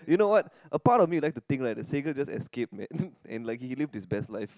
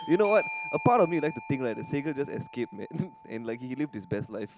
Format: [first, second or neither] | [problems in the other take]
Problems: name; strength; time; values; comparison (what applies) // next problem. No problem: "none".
first | background sound (Bell / Doorbell); 13 dB below the speech